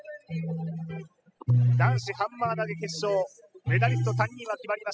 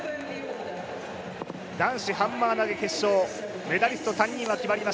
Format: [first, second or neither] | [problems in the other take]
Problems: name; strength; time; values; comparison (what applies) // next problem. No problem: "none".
second | noise reduction (classical method spectral subtraction)